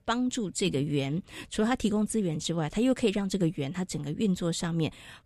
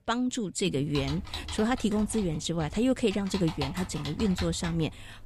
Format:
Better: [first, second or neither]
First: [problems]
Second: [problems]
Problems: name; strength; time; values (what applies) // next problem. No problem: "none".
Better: first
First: none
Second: keyboard typing; noticeable; from 0.5 s on; peak 7 dB below the speech